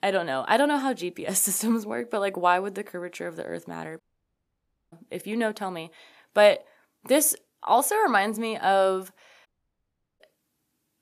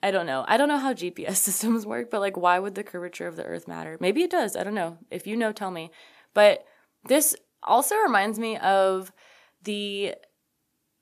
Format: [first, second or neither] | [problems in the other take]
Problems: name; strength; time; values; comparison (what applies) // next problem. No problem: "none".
second | audio cutting out; at 4 s for 1 s and at 9.5 s for 0.5 s